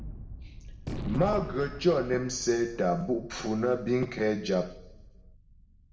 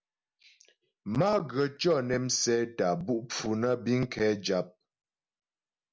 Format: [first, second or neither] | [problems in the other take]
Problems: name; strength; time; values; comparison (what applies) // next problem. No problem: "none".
second | background sound (Gunshot, gunfire); 12 dB below the speech // room echo; dies away in 0.8 s